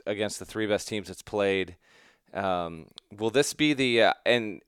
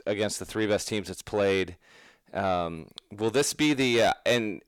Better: first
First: none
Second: distortion; slight; 10 dB below the speech

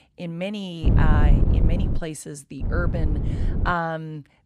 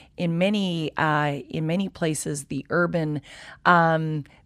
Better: second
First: wind noise on the microphone; heavy; from 1 to 2 s and from 2.5 to 3.5 s; 5 dB below the speech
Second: none

